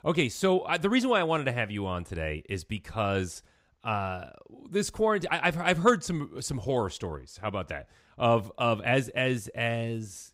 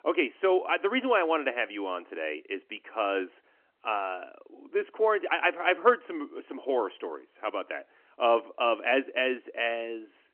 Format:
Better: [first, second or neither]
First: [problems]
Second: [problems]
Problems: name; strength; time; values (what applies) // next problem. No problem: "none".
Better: first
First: none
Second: phone-call audio; nothing above 3 kHz